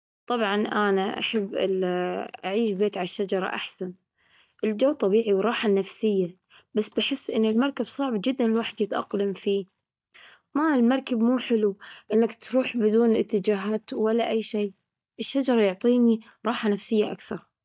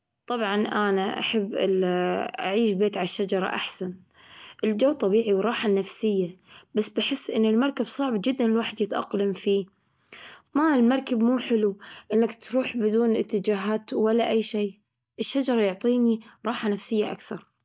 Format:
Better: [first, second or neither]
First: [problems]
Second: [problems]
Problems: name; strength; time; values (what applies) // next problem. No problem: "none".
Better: second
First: noise reduction (neural mask model DeepFilterNet 3)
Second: none